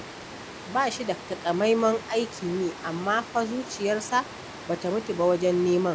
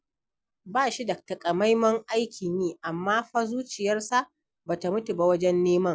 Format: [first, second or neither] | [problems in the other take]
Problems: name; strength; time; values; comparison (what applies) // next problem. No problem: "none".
second | background sound (Water); 14 dB below the speech